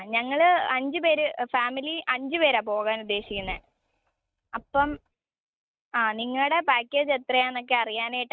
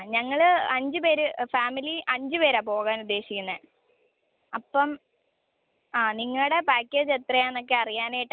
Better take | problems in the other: second | noise reduction (neural mask model RNNoise)

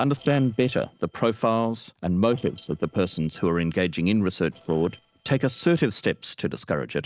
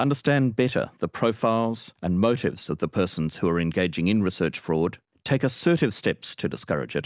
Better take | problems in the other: second | noise reduction (neural separator model SepFormer DNS4)

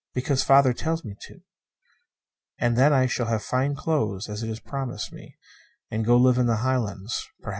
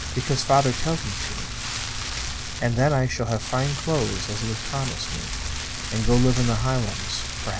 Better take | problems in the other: first | background sound (Rain); 4 dB below the speech

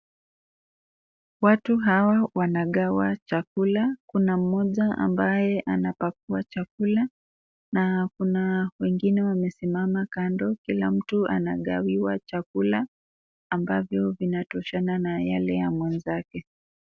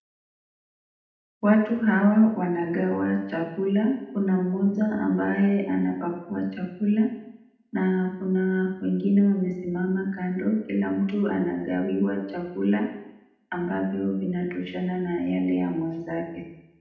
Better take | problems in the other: first | room echo; dies away in 0.8 s

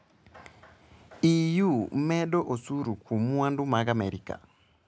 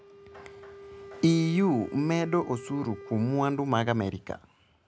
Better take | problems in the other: first | background sound (Wind instrument, woodwind instrument); 17 dB below the speech

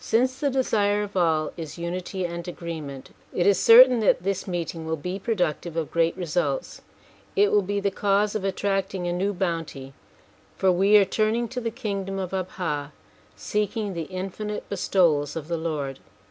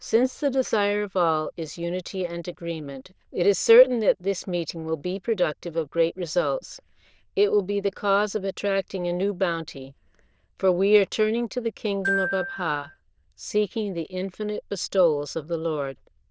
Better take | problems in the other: first | noise reduction (neural diffusion model UNIVERSE++)

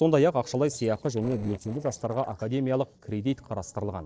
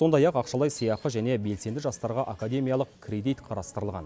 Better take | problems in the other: second | noise reduction (neural separator model SepFormer DNS4)

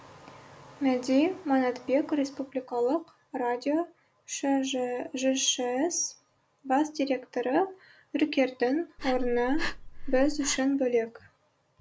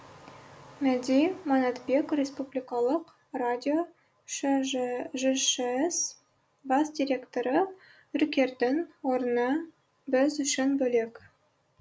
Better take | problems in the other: second | background sound (Breathing); 3 dB below the speech

